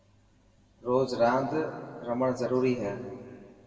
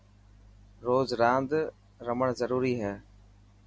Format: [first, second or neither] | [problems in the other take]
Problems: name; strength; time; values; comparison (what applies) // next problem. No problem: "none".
second | room echo; dies away in 1.9 s